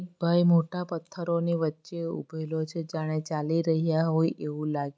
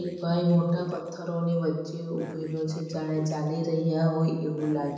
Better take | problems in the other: first | background sound (Breathing); 19 dB below the speech // room echo; dies away in 1 s

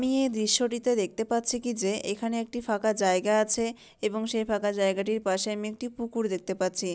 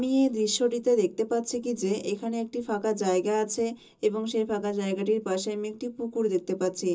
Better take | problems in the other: first | room echo; dies away in 0.2 s

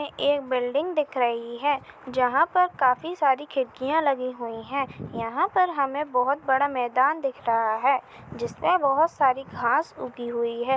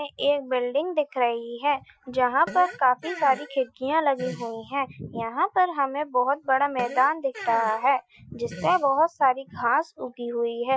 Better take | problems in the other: first | noise reduction (classical method Wiener filter)

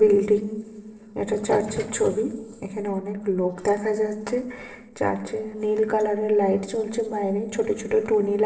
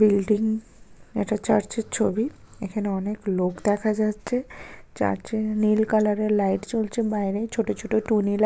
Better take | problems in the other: second | noise reduction (neural separator model SepFormer DNS4)

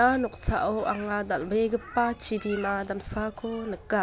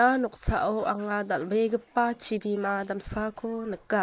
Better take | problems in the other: first | noise reduction (neural mask model Resemble Enhance denoiser)

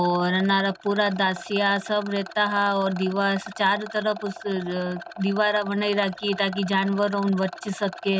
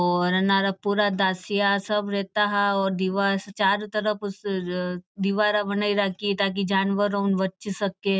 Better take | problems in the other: second | background sound (Rattle); 15 dB below the speech

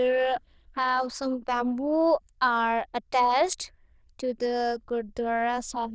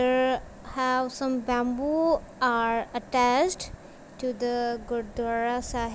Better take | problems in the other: second | noise reduction (neural diffusion model UNIVERSE++)

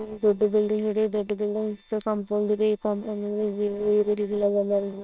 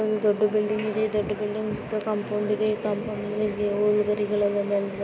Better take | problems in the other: second | noise reduction (neural separator model SepFormer WHAM!)

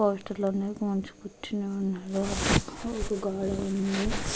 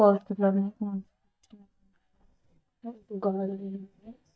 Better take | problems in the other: first | noise reduction (neural mask model DeepFilterNet 3)

